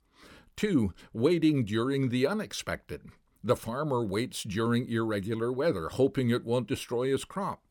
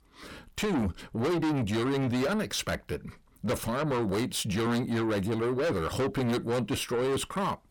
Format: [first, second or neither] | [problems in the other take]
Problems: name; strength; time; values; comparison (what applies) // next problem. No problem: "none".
first | distortion; heavy; 6 dB below the speech